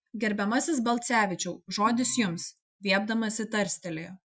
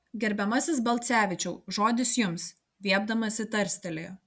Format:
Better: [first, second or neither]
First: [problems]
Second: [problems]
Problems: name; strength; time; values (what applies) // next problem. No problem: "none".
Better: second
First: noise reduction (classical method Wiener filter)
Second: none